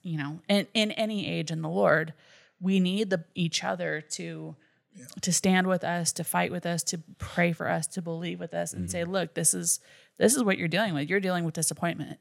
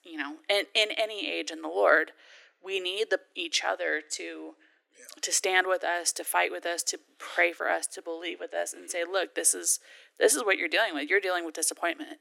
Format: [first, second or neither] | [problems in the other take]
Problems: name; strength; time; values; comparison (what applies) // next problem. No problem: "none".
first | thin; very; fading below 300 Hz